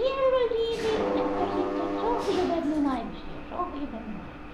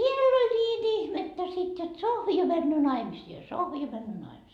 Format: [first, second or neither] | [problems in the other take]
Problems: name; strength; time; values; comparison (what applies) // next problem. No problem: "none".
second | background sound (Mechanisms); 4 dB below the speech